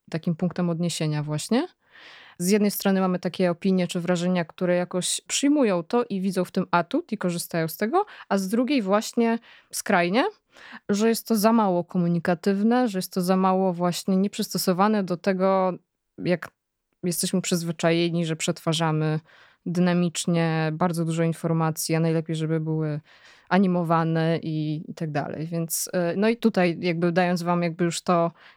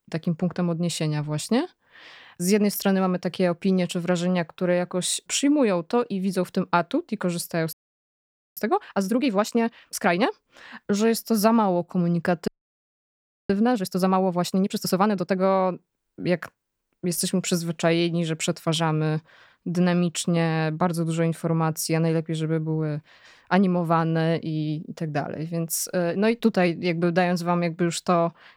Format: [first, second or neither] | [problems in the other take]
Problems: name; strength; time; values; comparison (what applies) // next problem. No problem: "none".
first | audio freezing; at 7.5 s for 1 s and at 12 s for 1 s